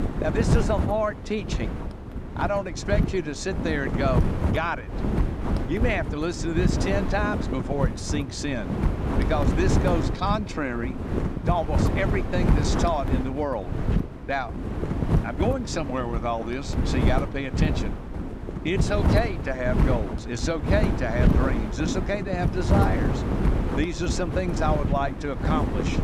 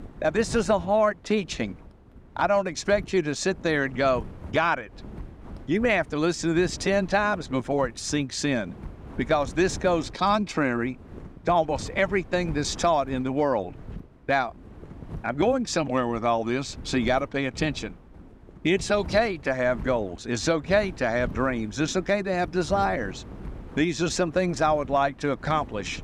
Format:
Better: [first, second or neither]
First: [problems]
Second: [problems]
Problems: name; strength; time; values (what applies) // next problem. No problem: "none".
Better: second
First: wind noise on the microphone; heavy; 5 dB below the speech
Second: wind noise on the microphone; occasional gusts; 25 dB below the speech